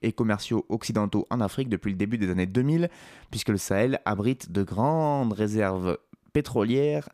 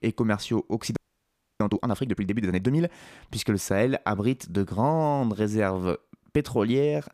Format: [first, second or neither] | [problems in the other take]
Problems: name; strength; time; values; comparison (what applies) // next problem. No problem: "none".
first | audio freezing; at 1 s for 0.5 s